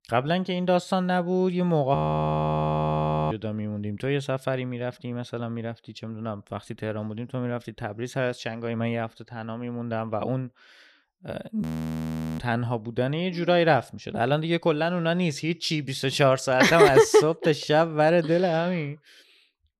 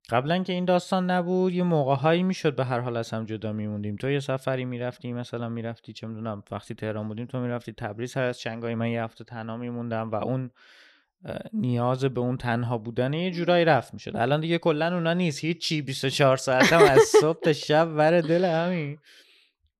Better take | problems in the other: second | audio freezing; at 2 s for 1.5 s and at 12 s for 1 s

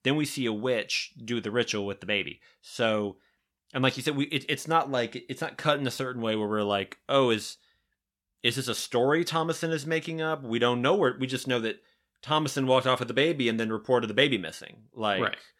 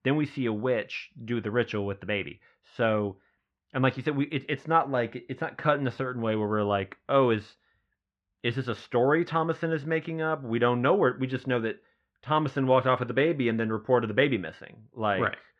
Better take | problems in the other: first | muffled; very; fading above 1.5 kHz

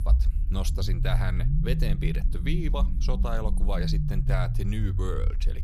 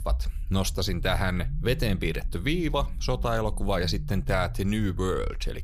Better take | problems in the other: second | low rumble; loud; throughout; 6 dB below the speech; faint in the second

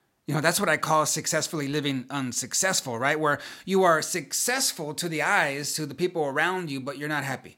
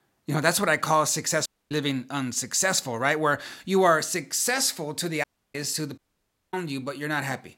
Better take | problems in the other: first | audio cutting out; at 1.5 s, at 5 s and at 6 s for 0.5 s

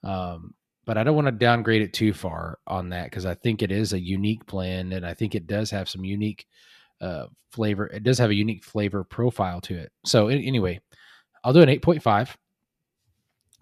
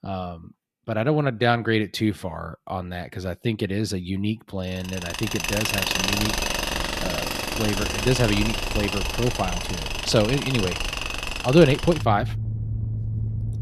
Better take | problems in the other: first | machinery noise; loud; from 5.5 s on; 2 dB below the speech

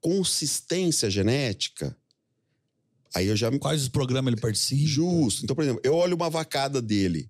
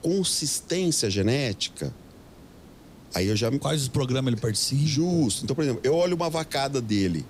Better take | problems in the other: first | hiss; faint; throughout; 25 dB below the speech

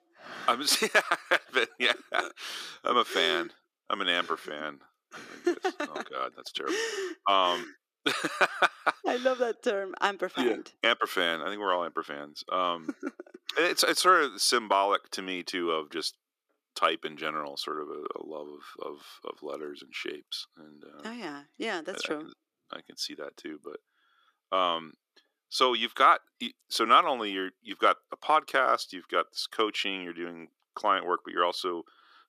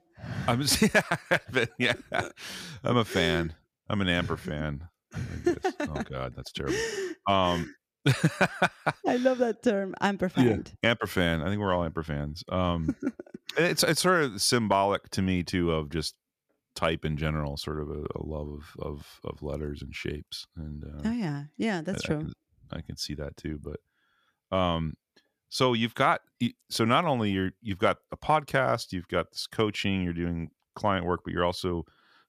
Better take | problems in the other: second | thin; somewhat; fading below 300 Hz

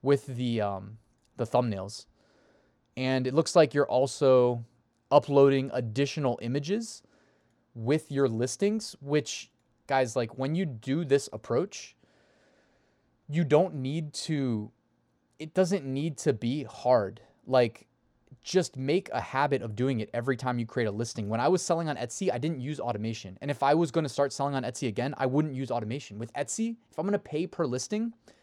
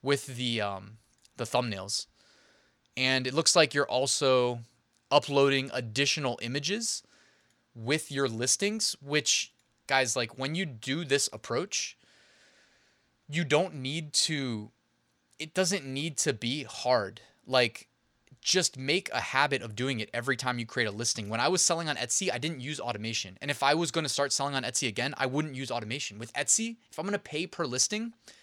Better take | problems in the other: second | muffled; slightly; fading above 1.5 kHz

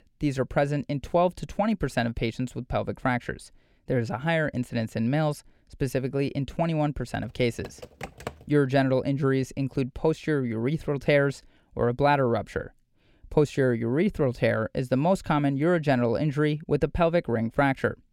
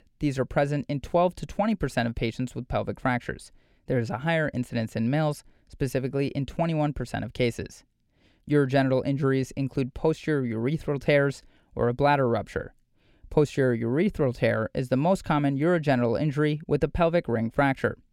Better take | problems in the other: second | keyboard typing; faint; from 7 to 8.5 s; peak 10 dB below the speech

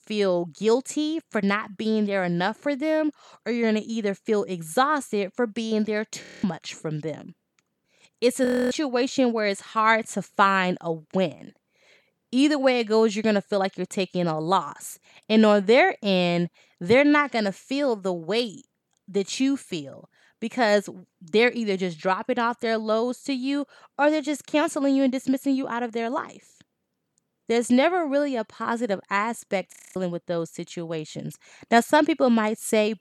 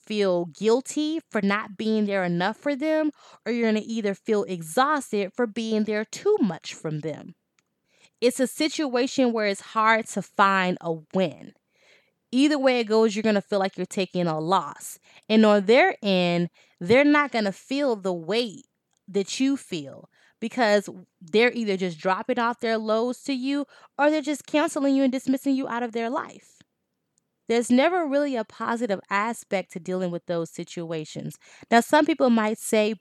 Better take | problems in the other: second | audio freezing; at 6 s, at 8.5 s and at 30 s

